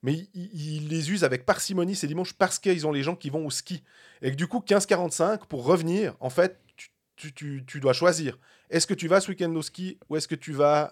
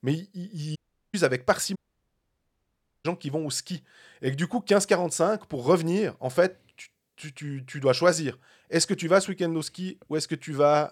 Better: first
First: none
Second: audio cutting out; at 1 s and at 2 s for 1.5 s

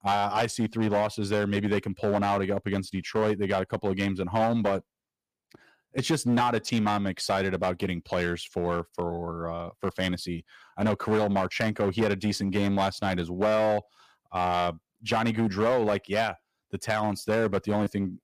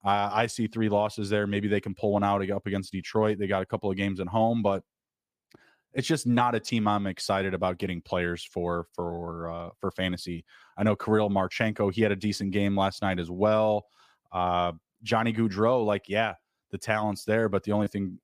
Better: second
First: distortion; slight; 7% of the sound clipped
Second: none

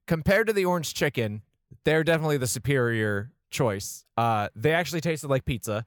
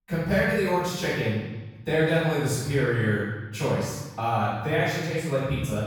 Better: first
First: none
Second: room echo; strong; dies away in 1.2 s // off-mic speech; far

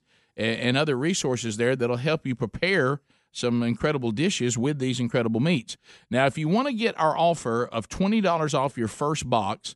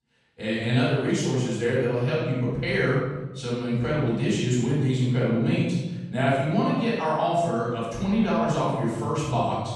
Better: first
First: none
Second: off-mic speech; far // room echo; strong; dies away in 1.7 s

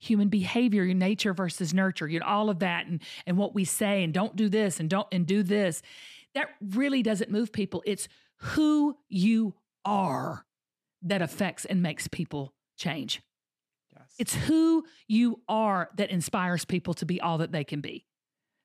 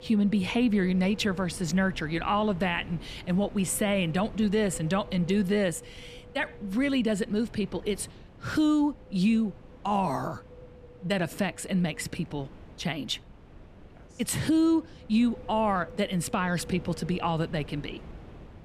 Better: first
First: none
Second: wind noise on the microphone; occasional gusts; 20 dB below the speech

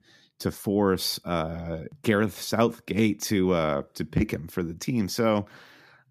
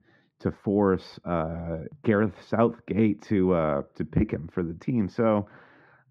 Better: first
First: none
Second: muffled; very; fading above 1.5 kHz

